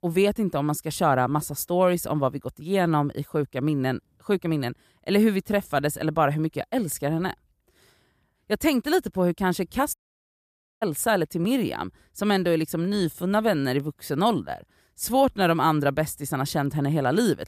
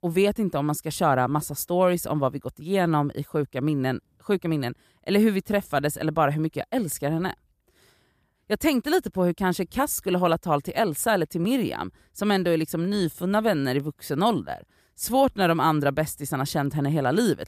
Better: second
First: audio cutting out; at 10 s for 1 s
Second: none

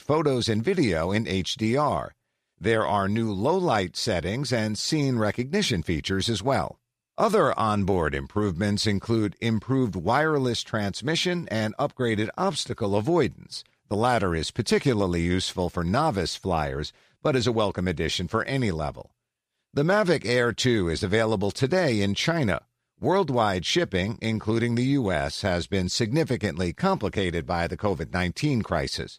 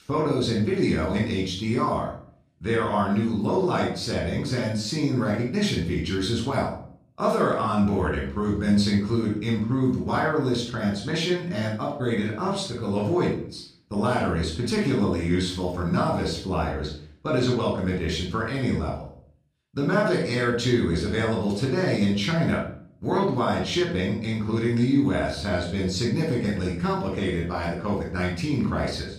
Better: first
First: none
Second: off-mic speech; far // room echo; noticeable; dies away in 0.5 s

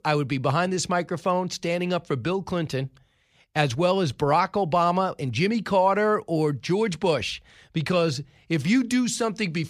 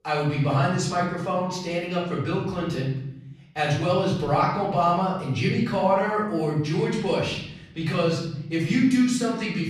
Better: first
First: none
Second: off-mic speech; far // room echo; noticeable; dies away in 0.8 s

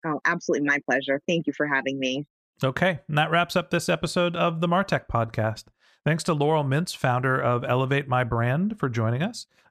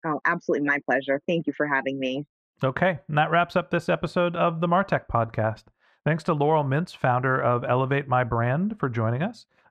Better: first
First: none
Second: muffled; slightly; fading above 4 kHz

